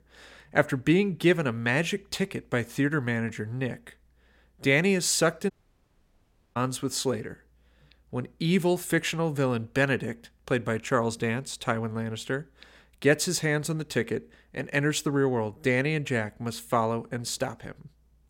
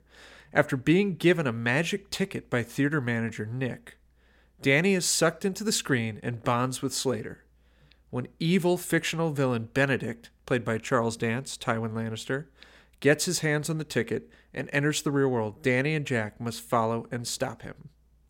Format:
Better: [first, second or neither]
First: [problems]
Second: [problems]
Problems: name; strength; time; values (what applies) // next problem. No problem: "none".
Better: second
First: audio cutting out; at 5.5 s for 1 s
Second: none